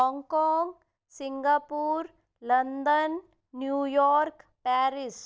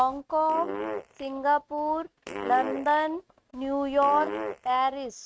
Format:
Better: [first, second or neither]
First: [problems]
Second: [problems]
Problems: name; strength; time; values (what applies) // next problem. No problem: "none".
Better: first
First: none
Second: noise reduction (neural mask model RNNoise)